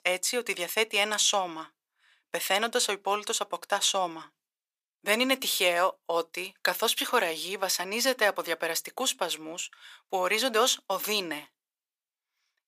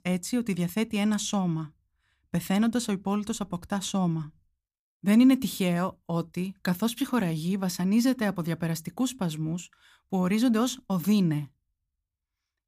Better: second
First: thin; very; fading below 450 Hz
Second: none

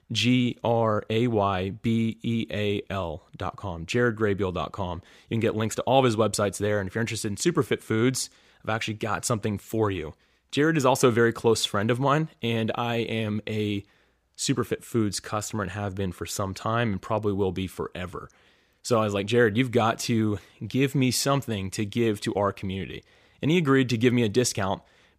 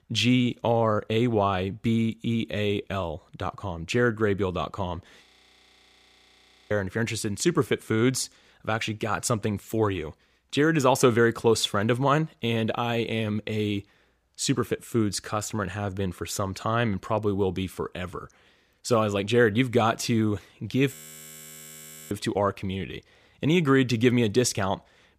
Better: first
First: none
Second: audio freezing; at 5.5 s for 1.5 s and at 21 s for 1 s

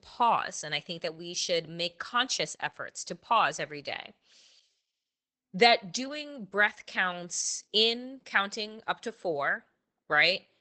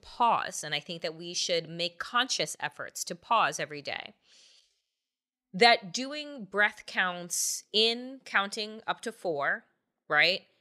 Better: second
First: garbled, watery; badly; nothing above 8 kHz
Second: none

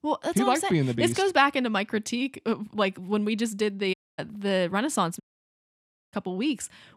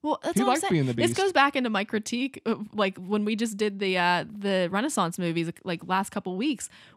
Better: second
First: audio cutting out; at 4 s and at 5 s for 1 s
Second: none

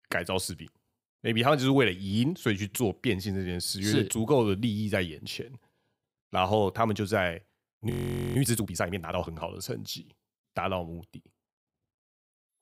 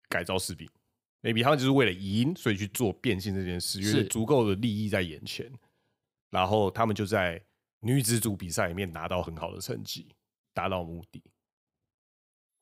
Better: second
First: audio freezing; at 8 s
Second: none

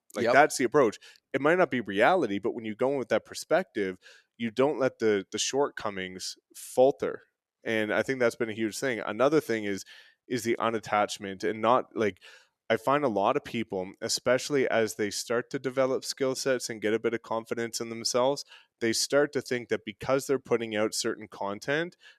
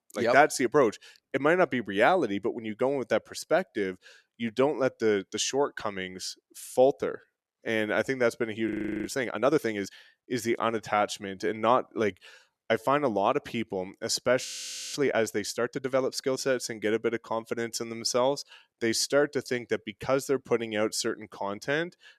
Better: first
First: none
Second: audio freezing; at 8.5 s and at 14 s

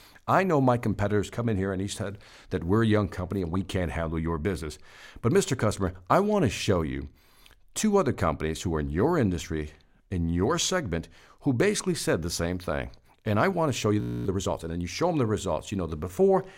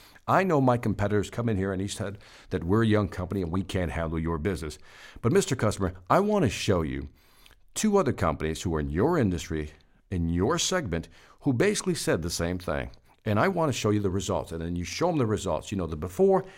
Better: second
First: audio freezing; at 14 s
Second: none

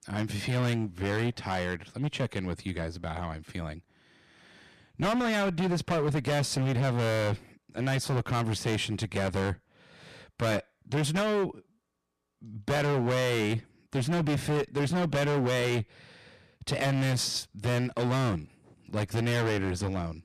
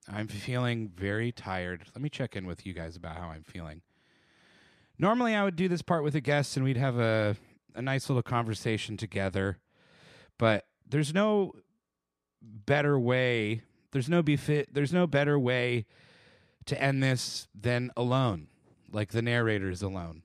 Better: second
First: distortion; heavy; 20% of the sound clipped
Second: none

